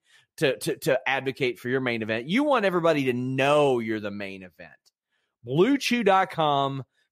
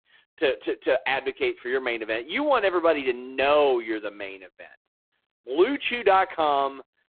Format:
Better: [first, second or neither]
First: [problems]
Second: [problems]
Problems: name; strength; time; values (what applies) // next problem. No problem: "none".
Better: first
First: none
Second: phone-call audio; poor line